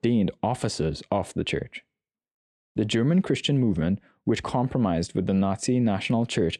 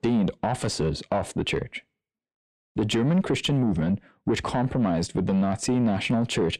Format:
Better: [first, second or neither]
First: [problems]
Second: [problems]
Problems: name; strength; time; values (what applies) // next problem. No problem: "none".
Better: first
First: none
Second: distortion; slight; 10 dB below the speech